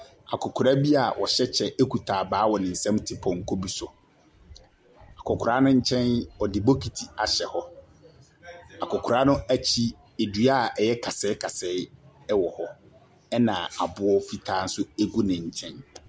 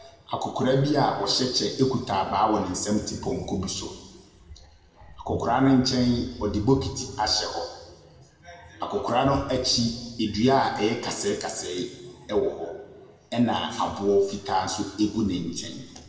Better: first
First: none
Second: room echo; dies away in 1.3 s

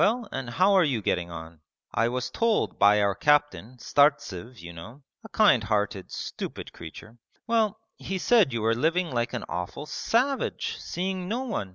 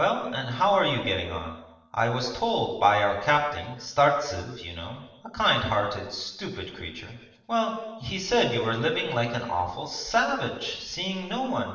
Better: first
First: none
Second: room echo; dies away in 1 s

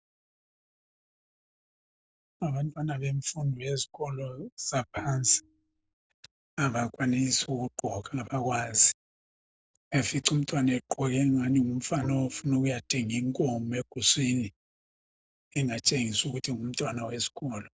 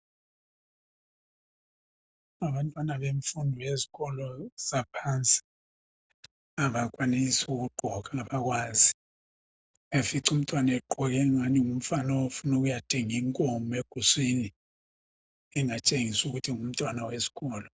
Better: second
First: noise reduction (neural separator model SepFormer DNS4)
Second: none

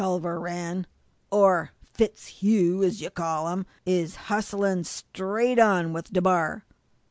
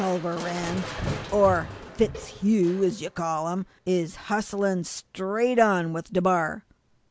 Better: first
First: none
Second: background sound (Crushing); 13 dB below the speech

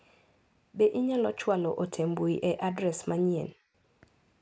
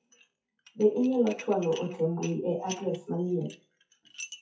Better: first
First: none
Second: noise reduction (classical method WPE with log-MMSE)

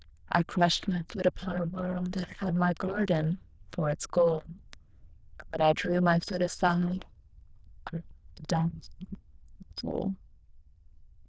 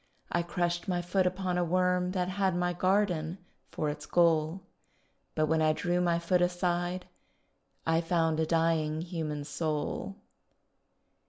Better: second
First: noise reduction (neural diffusion model UNIVERSE++)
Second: none

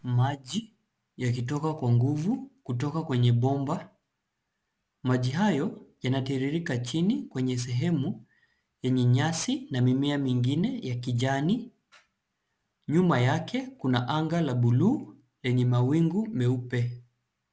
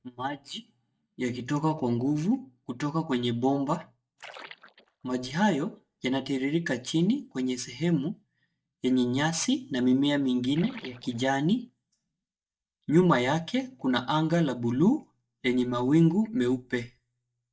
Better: first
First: none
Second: noise reduction (neural mask model DeepFilterNet 3)

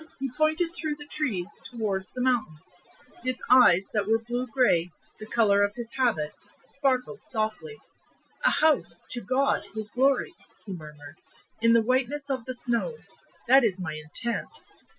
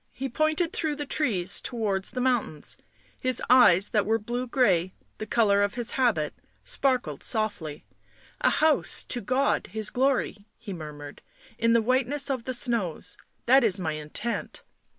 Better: second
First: noise reduction (classical method Wiener filter)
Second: none

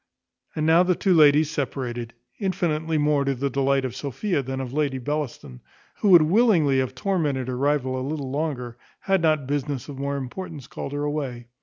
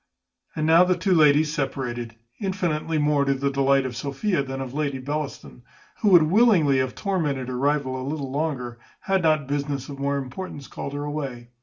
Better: first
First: none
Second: room echo; dies away in 0.2 s

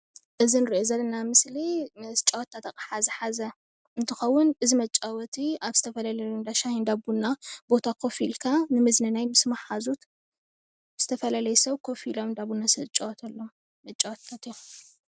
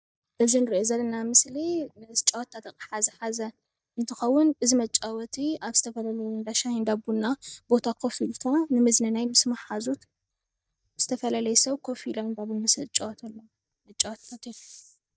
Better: first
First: none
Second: noise reduction (neural mask model DeepFilterNet 3)

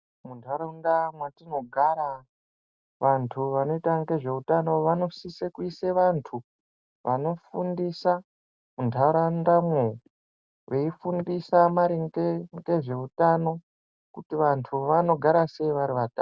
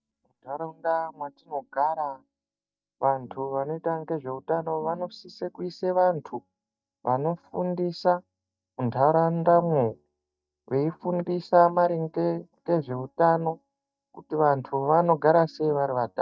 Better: first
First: none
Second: noise reduction (neural mask model DeepFilterNet 3)

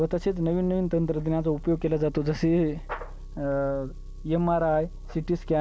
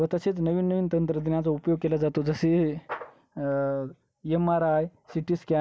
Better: second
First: background sound (Engine); 12 dB below the speech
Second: none

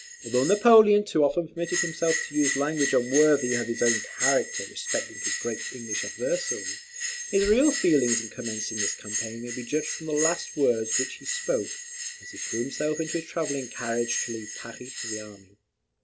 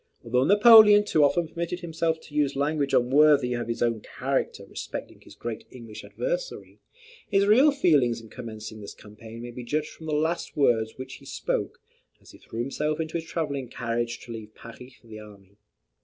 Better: second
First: background sound (Bell); 6 dB below the speech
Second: none

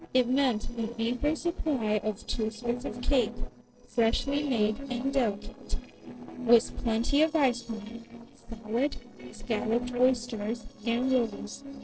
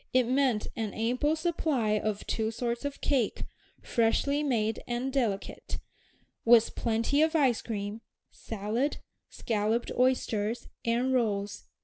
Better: second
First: noise reduction (neural separator model SepFormer DNS4)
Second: none

